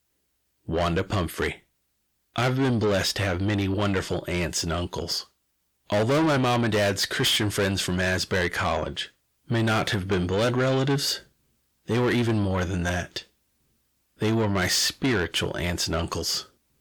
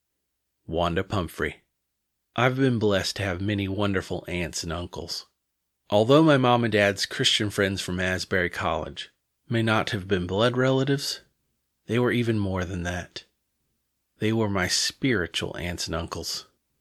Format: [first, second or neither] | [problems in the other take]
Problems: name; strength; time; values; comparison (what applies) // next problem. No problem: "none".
second | distortion; heavy; 6 dB below the speech